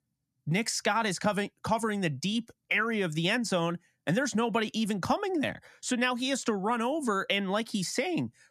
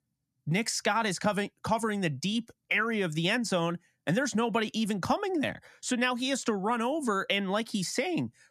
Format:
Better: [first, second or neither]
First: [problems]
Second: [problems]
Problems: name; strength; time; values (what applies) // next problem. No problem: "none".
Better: neither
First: none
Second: none